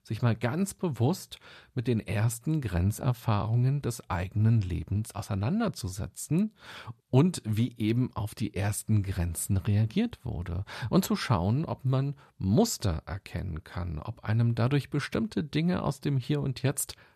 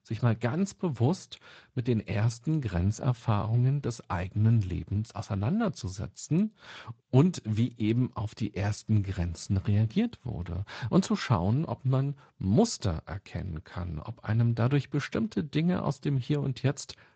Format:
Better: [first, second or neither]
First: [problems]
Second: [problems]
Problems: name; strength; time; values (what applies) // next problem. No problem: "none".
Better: first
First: none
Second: garbled, watery; slightly; nothing above 8 kHz